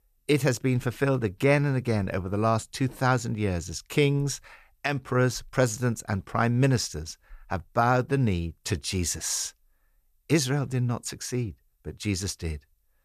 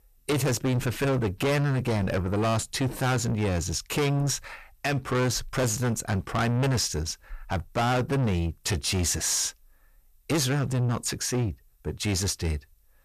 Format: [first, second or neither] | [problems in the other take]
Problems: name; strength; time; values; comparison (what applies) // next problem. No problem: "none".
first | distortion; heavy; 6 dB below the speech